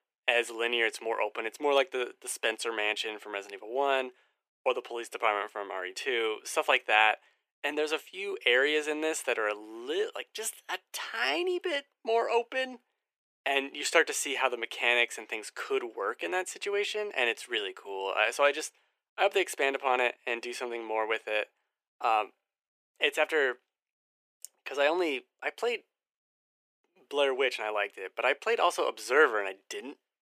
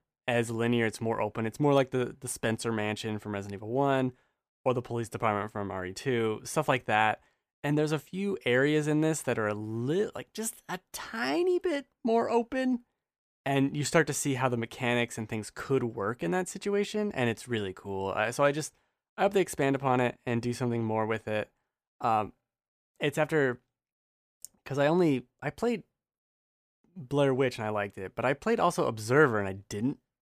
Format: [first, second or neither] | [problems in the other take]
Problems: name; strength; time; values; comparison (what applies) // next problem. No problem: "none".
second | thin; very; fading below 350 Hz